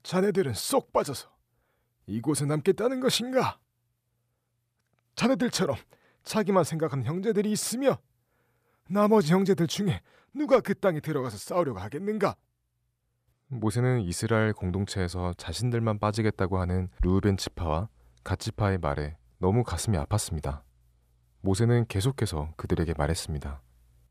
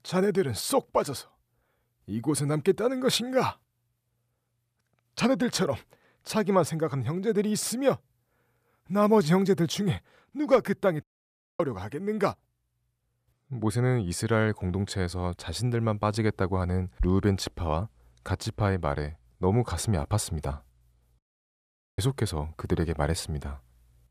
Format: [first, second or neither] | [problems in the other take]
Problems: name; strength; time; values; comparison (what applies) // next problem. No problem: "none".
first | audio cutting out; at 11 s for 0.5 s and at 21 s for 1 s